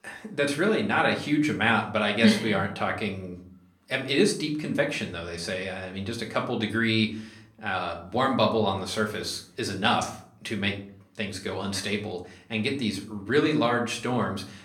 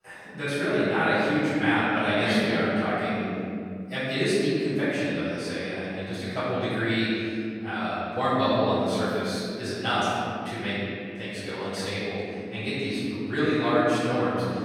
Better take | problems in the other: first | room echo; strong; dies away in 2.6 s; slight in the first // off-mic speech; far; somewhat distant in the first

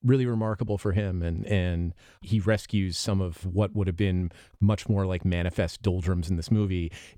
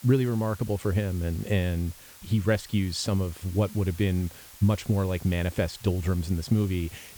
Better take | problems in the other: first | hiss; noticeable; throughout; 20 dB below the speech

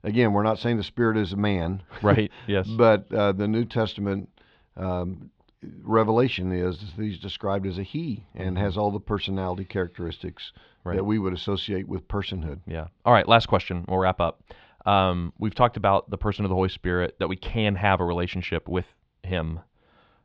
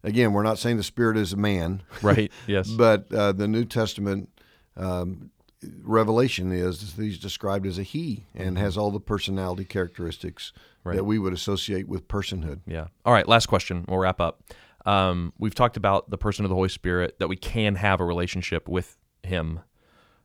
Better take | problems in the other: second | muffled; slightly; fading above 3.5 kHz

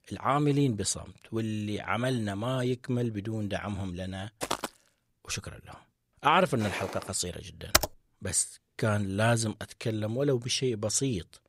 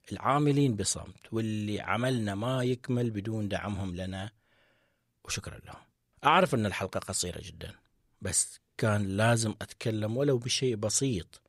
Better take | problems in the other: second | footsteps; noticeable; at 4.5 s and at 6.5 s; peak 4 dB below the speech // keyboard typing; loud; at 7.5 s; peak 4 dB above the speech

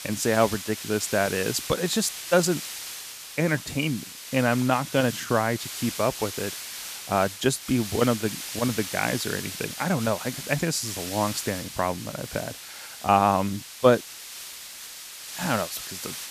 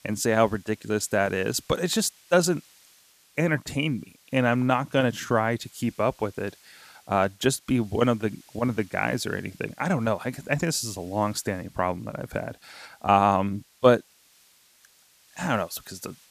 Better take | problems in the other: second | hiss; loud; throughout; 9 dB below the speech; faint in the second

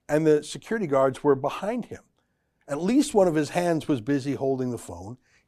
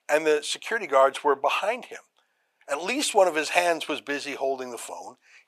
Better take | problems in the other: first | thin; very; fading below 750 Hz

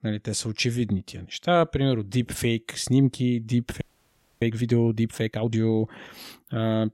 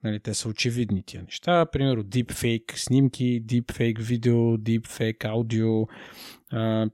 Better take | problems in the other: second | audio freezing; at 4 s for 0.5 s

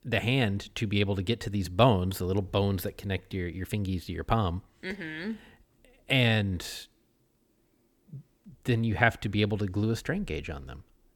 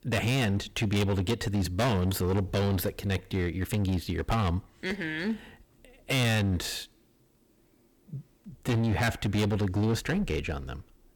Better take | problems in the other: first | distortion; heavy; 16% of the sound clipped

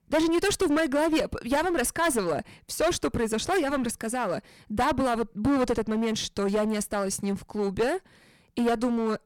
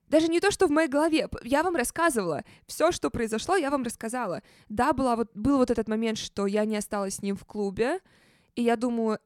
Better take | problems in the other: second | distortion; heavy; 14% of the sound clipped

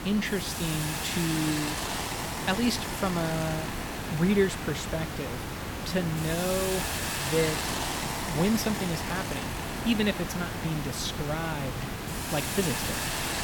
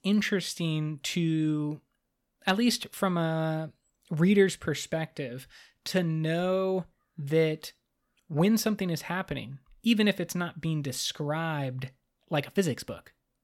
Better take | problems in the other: second | hiss; loud; throughout; 2 dB below the speech

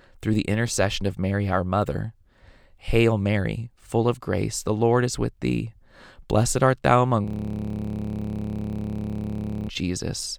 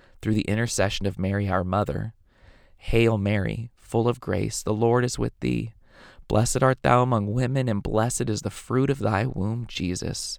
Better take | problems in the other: second | audio freezing; at 7.5 s for 2.5 s

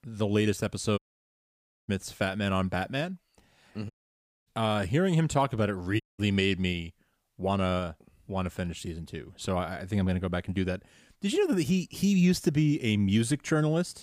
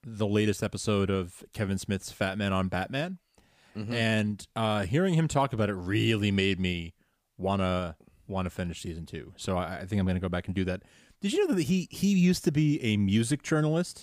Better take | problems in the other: second | audio cutting out; at 1 s for 1 s, at 4 s for 0.5 s and at 6 s

